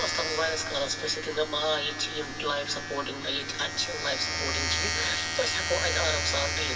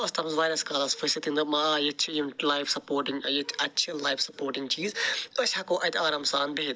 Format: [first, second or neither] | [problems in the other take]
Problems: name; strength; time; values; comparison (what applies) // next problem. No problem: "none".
second | background sound (Domestic sounds, home sounds); 1 dB below the speech // room echo; dies away in 2.6 s